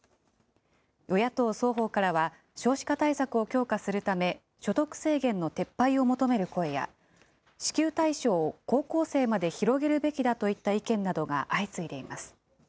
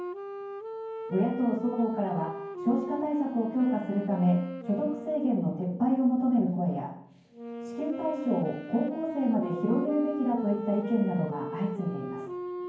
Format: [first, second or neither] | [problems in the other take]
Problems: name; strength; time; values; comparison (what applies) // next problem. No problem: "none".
first | background sound (Wind instrument, woodwind instrument); 10 dB below the speech // room echo; dies away in 0.9 s